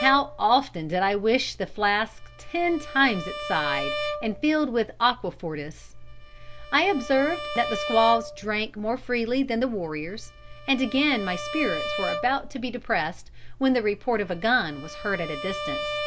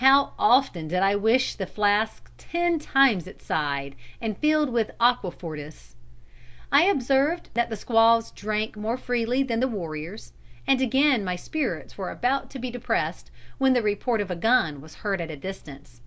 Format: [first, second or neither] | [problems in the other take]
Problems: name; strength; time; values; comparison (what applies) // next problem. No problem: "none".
second | background sound (Bowed string instrument); 10 dB below the speech